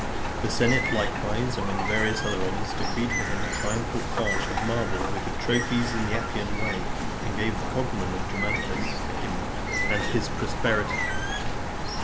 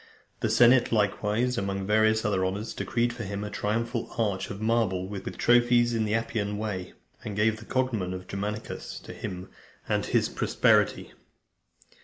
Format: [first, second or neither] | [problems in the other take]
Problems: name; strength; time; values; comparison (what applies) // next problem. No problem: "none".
second | background sound (Rain + Bird); 3 dB above the speech